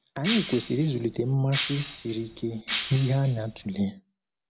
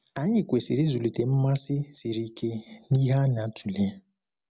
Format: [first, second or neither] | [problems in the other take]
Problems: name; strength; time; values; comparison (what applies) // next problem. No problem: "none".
second | background sound (Shatter); 8 dB below the speech